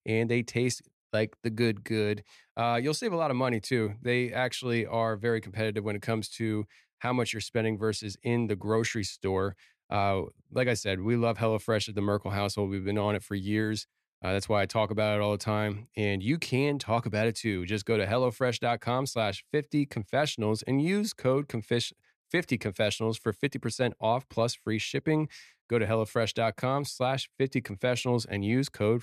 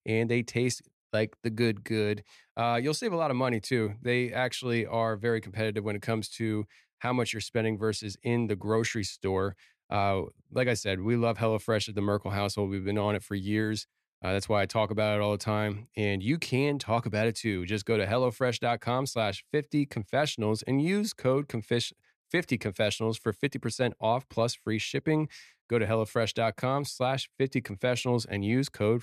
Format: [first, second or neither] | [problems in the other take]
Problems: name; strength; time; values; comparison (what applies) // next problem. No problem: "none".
neither | none